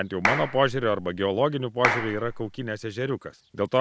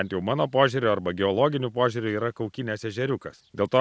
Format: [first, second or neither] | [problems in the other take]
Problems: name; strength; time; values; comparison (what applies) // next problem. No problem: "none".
second | background sound (Clapping); 4 dB below the speech